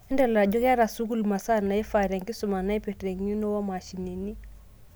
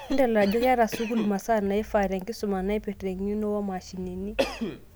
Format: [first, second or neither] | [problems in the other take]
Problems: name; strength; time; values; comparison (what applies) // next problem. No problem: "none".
first | background sound (Cough); 11 dB below the speech